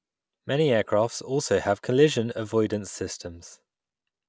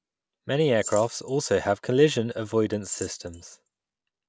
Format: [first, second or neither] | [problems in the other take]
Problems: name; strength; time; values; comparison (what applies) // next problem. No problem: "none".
first | background sound (Rattle / Keys jangling); 18 dB below the speech